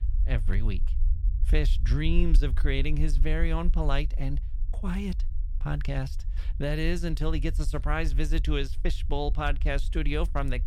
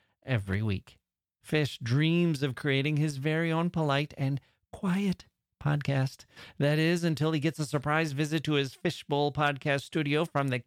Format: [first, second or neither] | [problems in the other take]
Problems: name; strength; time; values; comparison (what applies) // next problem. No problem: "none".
second | low rumble; noticeable; throughout; 20 dB below the speech